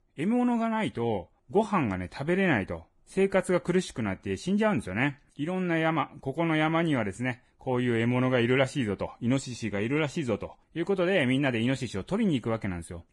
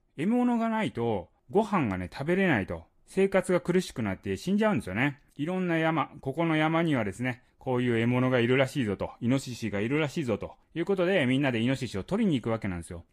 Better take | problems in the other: second | garbled, watery; badly; nothing above 10 kHz; slightly in the second

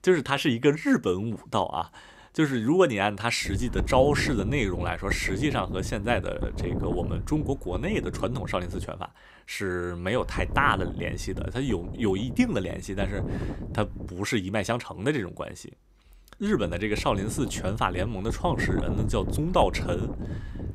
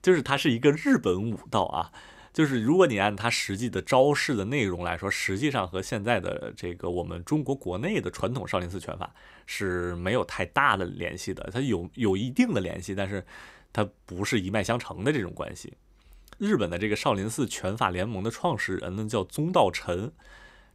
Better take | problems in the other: second | wind noise on the microphone; occasional gusts; from 3.5 to 9 s, from 10 to 14 s and from 16 s on; 15 dB below the speech

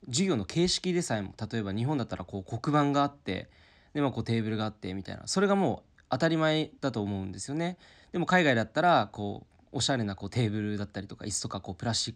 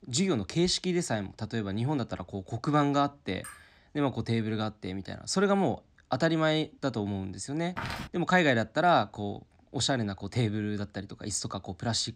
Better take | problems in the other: first | clattering dishes; faint; at 3.5 s; peak 15 dB below the speech // footsteps; noticeable; at 8 s; peak 7 dB below the speech

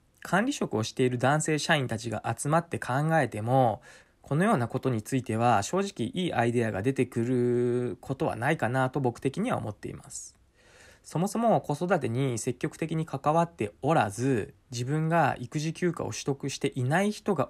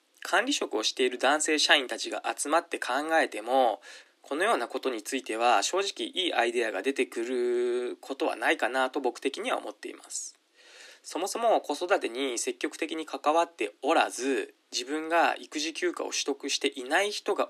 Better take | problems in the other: first | thin; somewhat; fading below 300 Hz

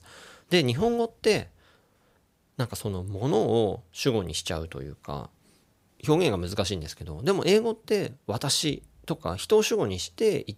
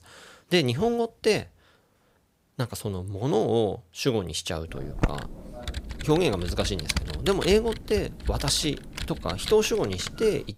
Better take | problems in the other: first | keyboard typing; noticeable; from 5 s on; peak 3 dB below the speech

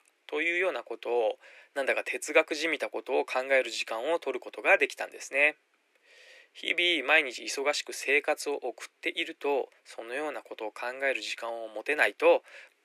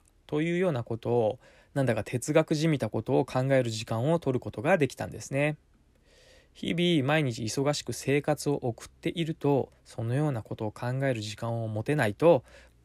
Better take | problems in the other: second | thin; very; fading below 350 Hz

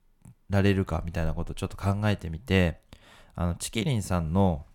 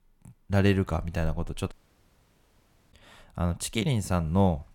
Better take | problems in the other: first | audio cutting out; at 1.5 s for 1 s

